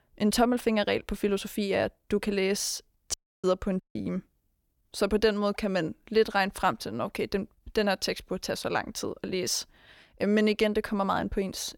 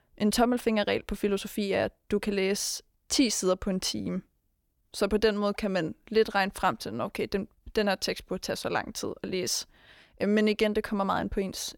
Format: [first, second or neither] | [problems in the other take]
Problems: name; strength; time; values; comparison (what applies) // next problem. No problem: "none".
second | audio cutting out; at 3 s and at 4 s